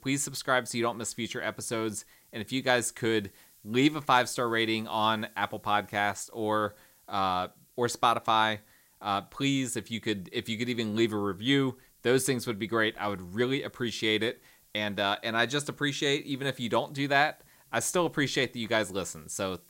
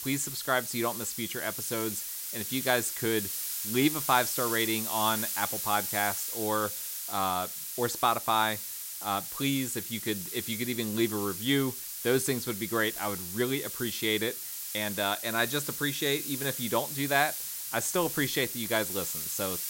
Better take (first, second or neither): first